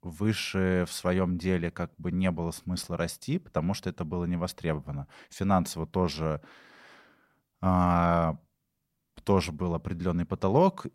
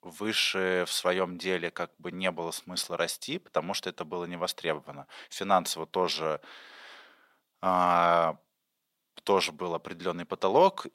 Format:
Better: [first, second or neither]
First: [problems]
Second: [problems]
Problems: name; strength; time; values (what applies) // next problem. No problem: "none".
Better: first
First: none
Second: thin; somewhat; fading below 400 Hz